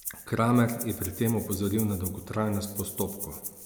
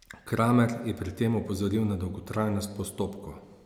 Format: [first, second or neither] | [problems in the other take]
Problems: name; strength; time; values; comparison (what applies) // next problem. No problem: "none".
second | background sound (Rattle (instrument)); 12 dB below the speech